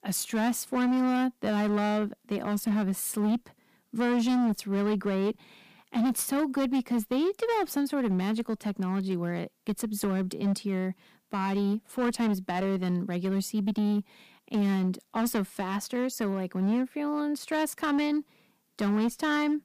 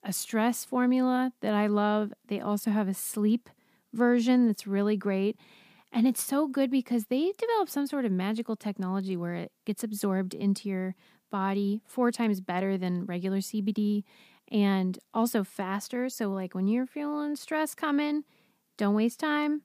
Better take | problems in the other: second | distortion; slight; 13% of the sound clipped

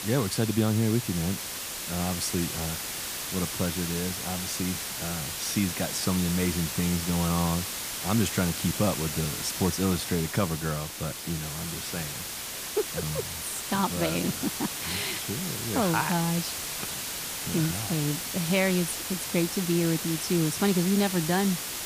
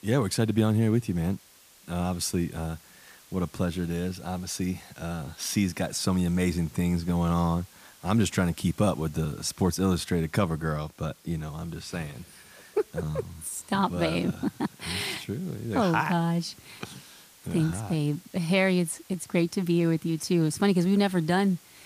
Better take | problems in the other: second | hiss; loud; throughout; 3 dB below the speech; faint in the second

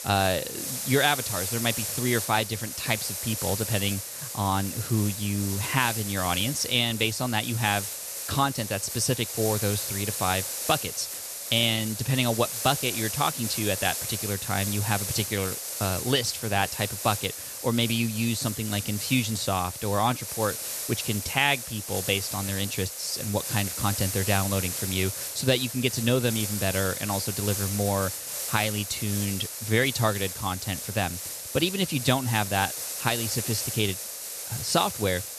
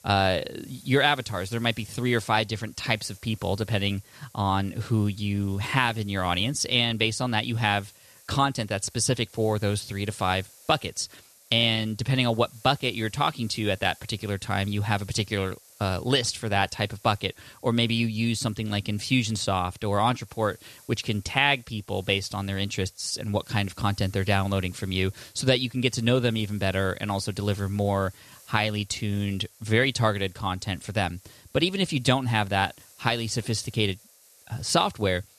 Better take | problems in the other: second | hiss; loud; throughout; 4 dB below the speech; faint in the second

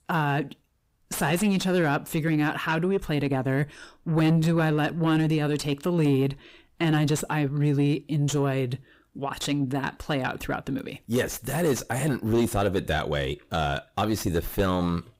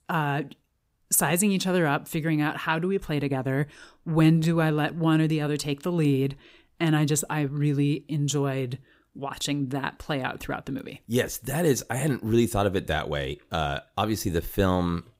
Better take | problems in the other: second | distortion; slight; 10 dB below the speech

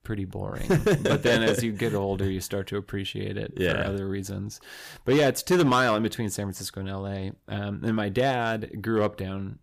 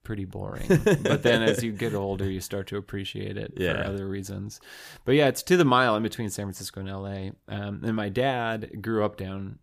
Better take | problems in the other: second | distortion; slight; 3% of the sound clipped

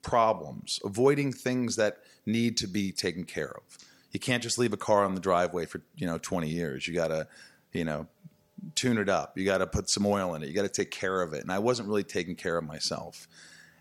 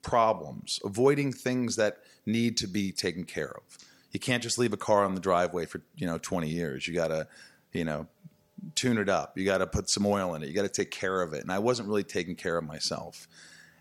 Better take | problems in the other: neither | none

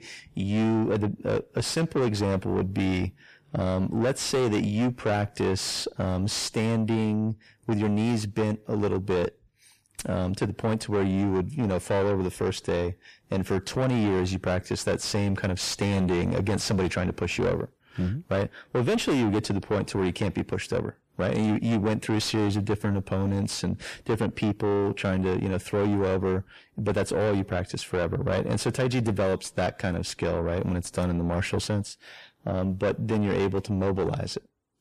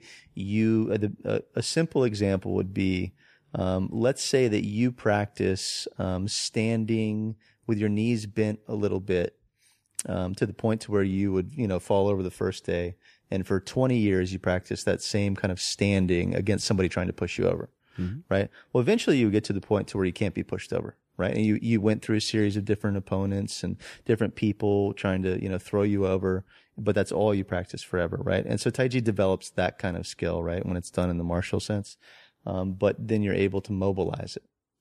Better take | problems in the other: second | distortion; heavy; 8 dB below the speech

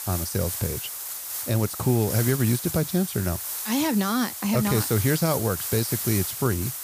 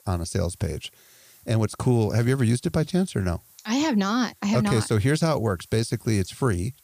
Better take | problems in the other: second | hiss; loud; throughout; 4 dB below the speech; faint in the second

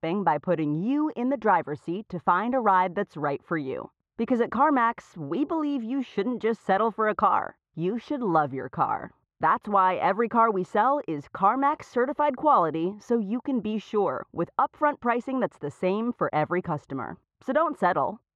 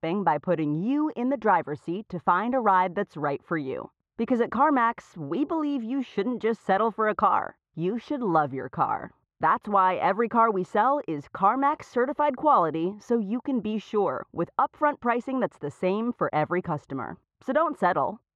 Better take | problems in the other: neither | muffled; very; fading above 1.5 kHz; the same in both

